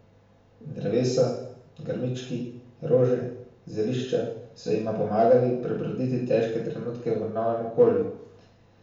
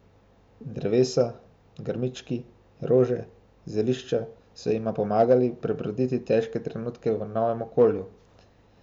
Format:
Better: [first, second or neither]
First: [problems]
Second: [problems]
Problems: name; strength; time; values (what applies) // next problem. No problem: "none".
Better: second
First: room echo; dies away in 0.7 s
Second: none